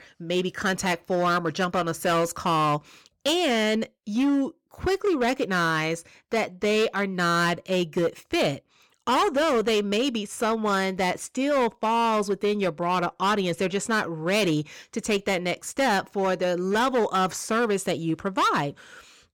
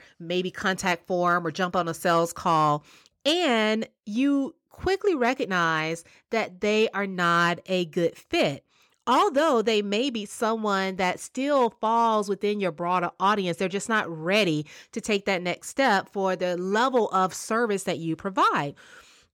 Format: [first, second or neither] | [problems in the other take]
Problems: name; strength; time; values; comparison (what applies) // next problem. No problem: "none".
second | distortion; slight; 12% of the sound clipped